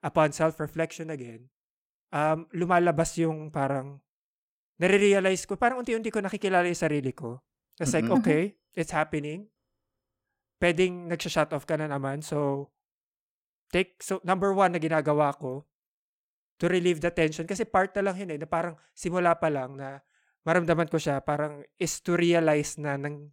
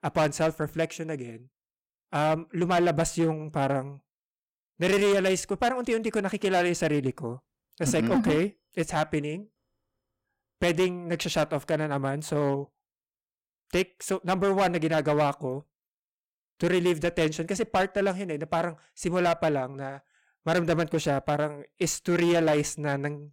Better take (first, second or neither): first